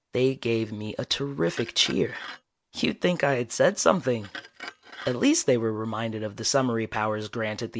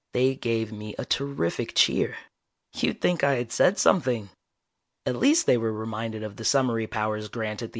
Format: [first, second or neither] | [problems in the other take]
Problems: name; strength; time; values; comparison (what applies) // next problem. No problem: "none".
second | background sound (Glass); 19 dB below the speech